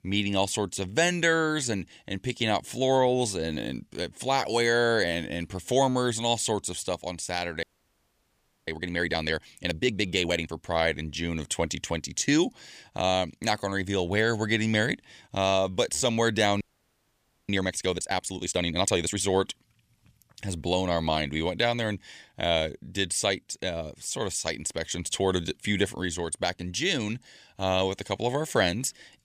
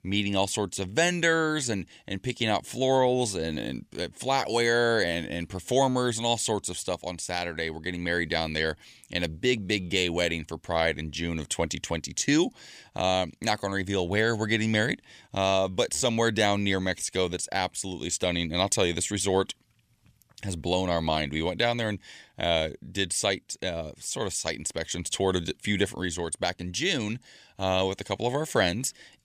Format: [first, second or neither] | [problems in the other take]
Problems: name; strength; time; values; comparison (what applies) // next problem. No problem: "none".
second | audio freezing; at 7.5 s for 1 s and at 17 s for 1 s